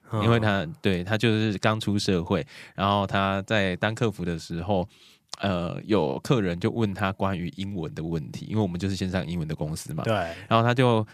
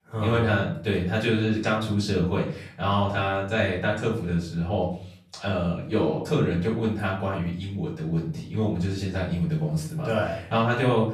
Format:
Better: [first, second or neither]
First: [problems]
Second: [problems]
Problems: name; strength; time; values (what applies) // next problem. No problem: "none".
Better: first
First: none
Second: room echo; noticeable; dies away in 0.4 s // off-mic speech; far